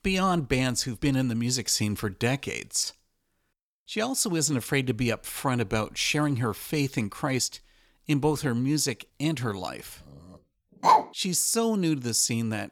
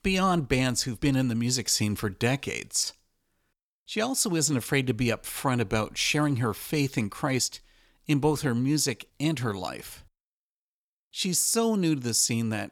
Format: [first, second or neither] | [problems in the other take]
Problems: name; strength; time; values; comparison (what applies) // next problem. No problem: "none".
second | dog barking; loud; at 11 s; peak 5 dB above the speech